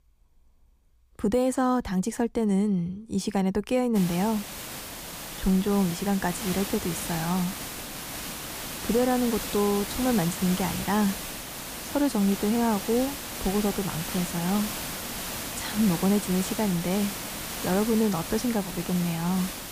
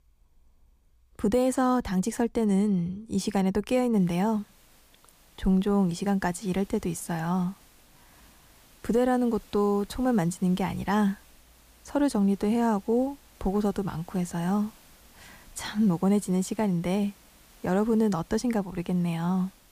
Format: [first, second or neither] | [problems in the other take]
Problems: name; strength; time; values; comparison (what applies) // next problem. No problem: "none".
second | hiss; loud; from 4 s on; 6 dB below the speech; faint in the second